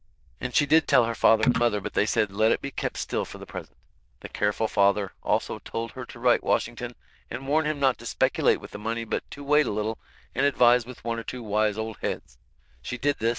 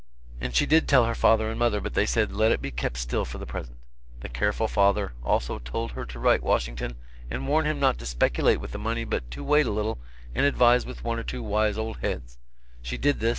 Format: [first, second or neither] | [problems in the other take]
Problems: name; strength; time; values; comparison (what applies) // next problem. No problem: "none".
second | noise reduction (neural diffusion model UNIVERSE++)